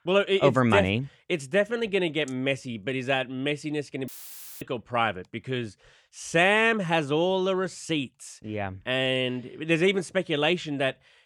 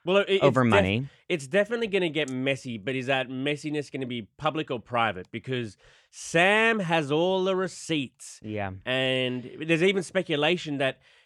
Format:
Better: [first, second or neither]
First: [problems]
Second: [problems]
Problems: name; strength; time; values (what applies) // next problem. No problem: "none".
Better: second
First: audio cutting out; filled with static; at 4 s for 0.5 s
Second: none